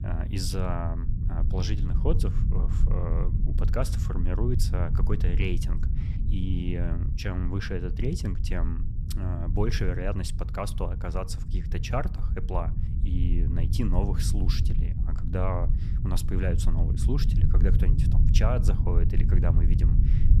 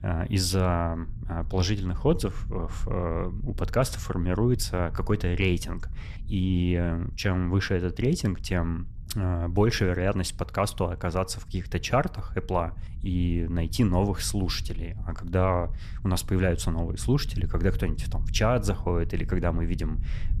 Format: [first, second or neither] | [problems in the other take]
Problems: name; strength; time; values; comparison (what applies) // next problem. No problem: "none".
second | low rumble; loud; throughout; 7 dB below the speech; faint in the second